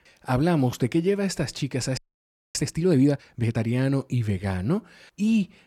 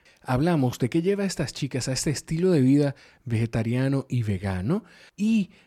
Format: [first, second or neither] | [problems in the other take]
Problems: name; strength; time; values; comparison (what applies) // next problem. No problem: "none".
second | audio freezing; at 2 s for 0.5 s